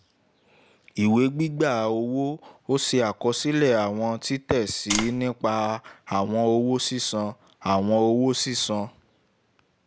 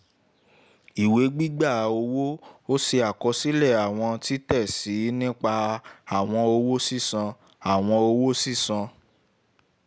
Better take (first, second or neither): second